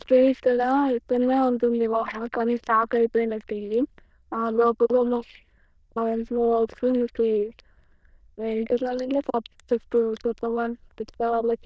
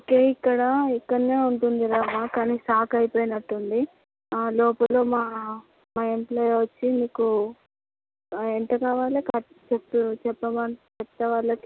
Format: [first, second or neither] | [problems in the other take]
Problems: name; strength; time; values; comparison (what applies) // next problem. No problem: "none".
second | noise reduction (neural diffusion model UNIVERSE++)